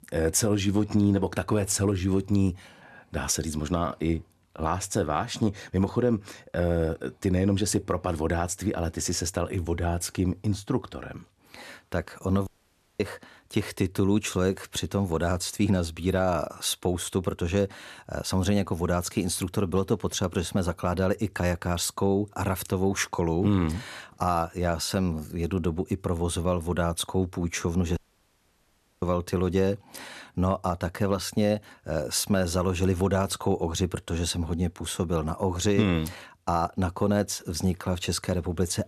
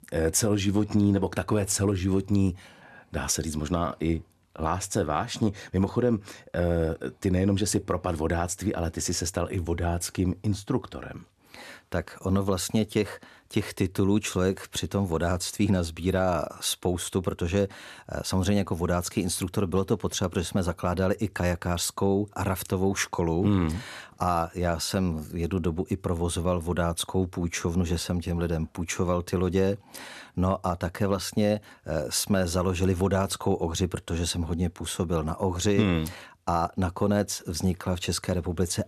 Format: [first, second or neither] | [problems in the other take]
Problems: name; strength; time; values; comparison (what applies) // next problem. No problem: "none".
second | audio cutting out; at 12 s for 0.5 s and at 28 s for 1 s